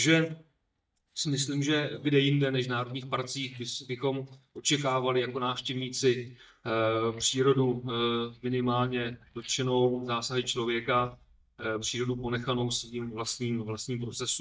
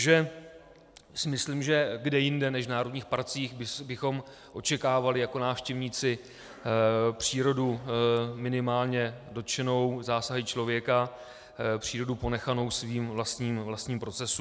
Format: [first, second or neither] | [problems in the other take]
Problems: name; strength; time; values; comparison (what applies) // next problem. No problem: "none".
second | noise reduction (neural mask model DeepFilterNet 3)